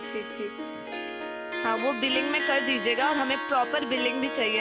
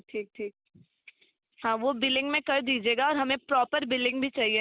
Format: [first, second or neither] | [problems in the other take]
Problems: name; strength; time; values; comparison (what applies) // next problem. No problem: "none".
second | background sound (Harp); 4 dB below the speech